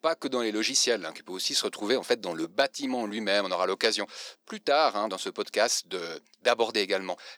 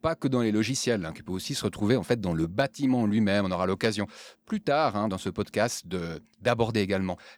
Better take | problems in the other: second | thin; somewhat; fading below 350 Hz

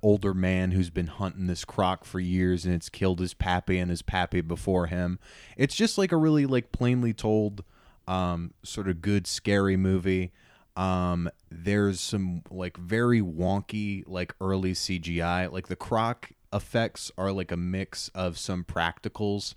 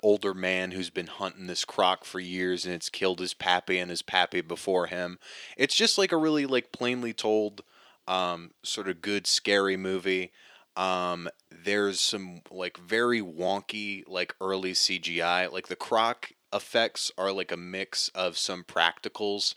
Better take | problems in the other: first | thin; somewhat; fading below 400 Hz

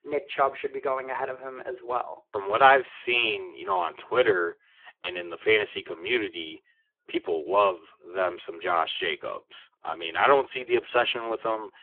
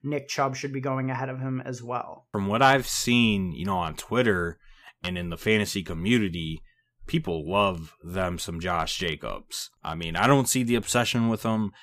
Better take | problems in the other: second | phone-call audio; poor line; nothing above 3.5 kHz

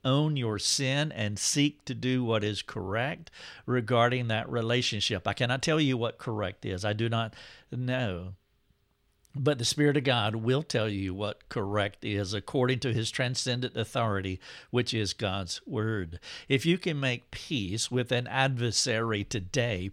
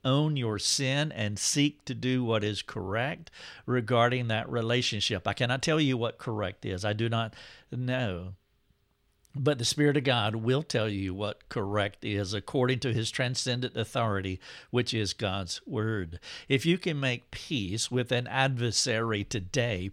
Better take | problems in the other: neither | none

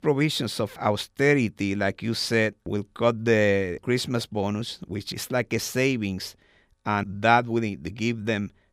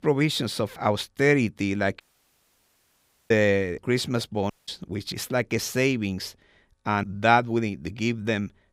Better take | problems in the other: first | audio cutting out; at 2 s for 1.5 s and at 4.5 s

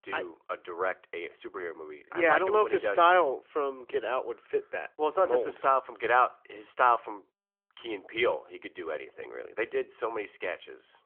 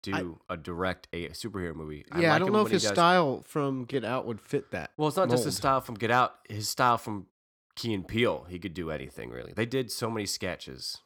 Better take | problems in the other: second | phone-call audio; nothing above 3.5 kHz

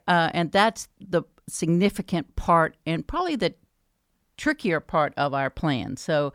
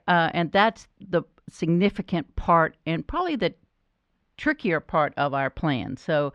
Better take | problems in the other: first | muffled; slightly; fading above 3 kHz

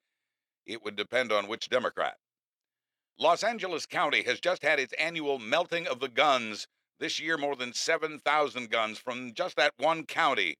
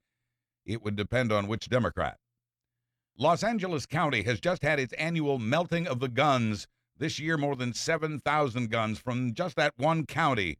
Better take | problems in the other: second | thin; somewhat; fading below 450 Hz

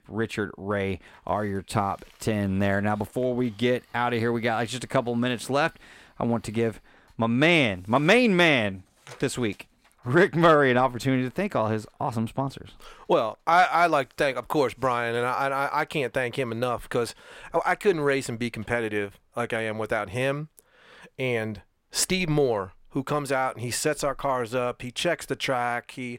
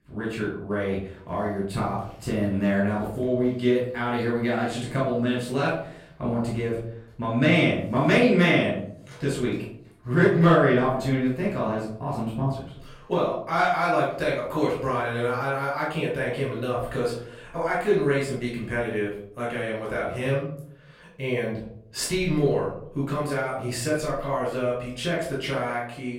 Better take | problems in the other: first | off-mic speech; far // room echo; noticeable; dies away in 0.6 s

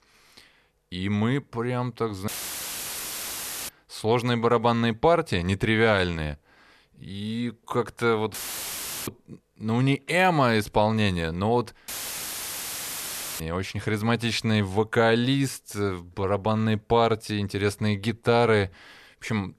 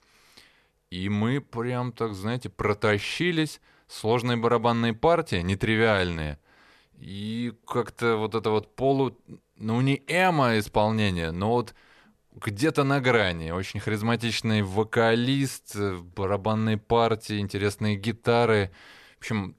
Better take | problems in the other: second | audio cutting out; filled with static; at 2.5 s for 1.5 s, at 8.5 s for 0.5 s and at 12 s for 1.5 s

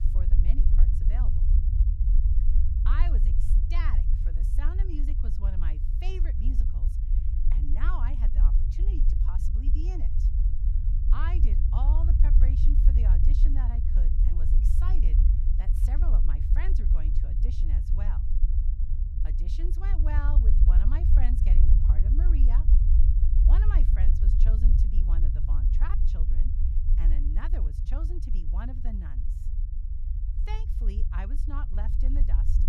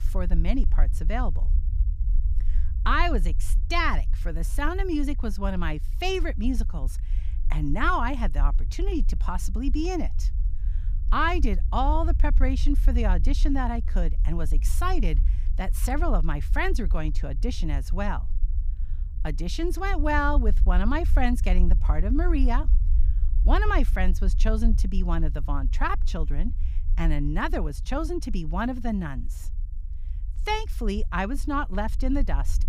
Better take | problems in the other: second | low rumble; loud; throughout; 2 dB below the speech; faint in the second

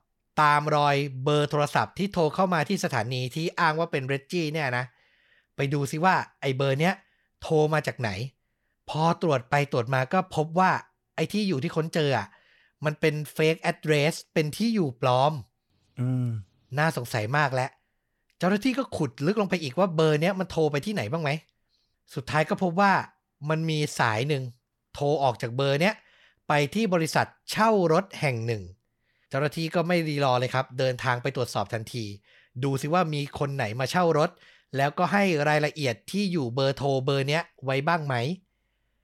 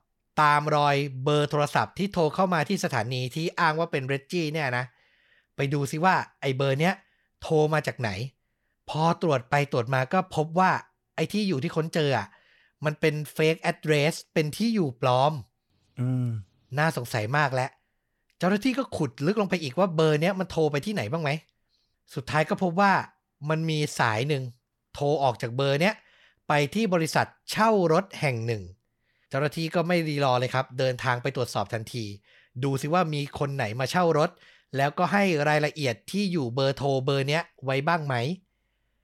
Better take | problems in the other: neither | none

